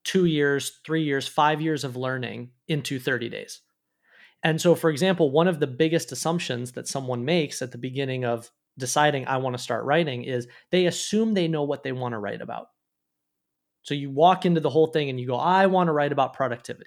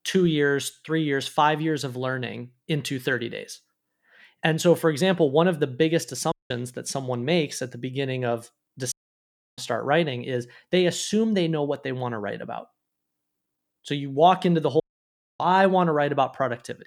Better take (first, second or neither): first